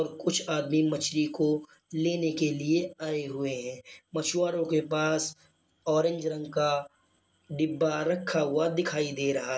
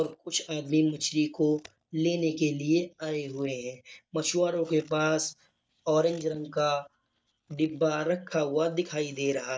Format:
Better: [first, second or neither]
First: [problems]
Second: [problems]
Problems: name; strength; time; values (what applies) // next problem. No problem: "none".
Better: first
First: none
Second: noise reduction (neural mask model DeepFilterNet 3)